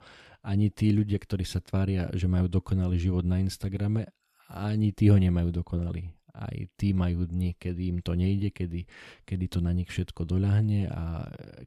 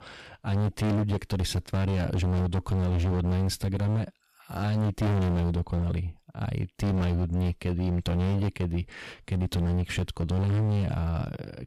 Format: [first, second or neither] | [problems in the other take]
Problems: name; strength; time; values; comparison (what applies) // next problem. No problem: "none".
first | distortion; heavy; 27% of the sound clipped